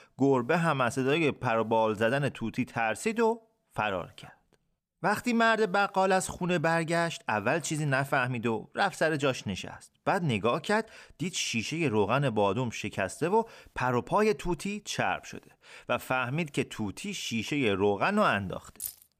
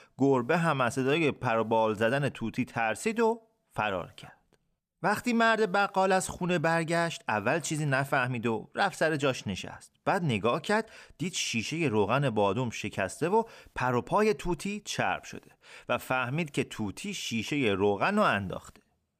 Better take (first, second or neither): second